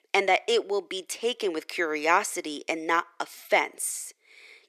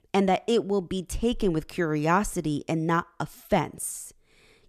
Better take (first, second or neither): second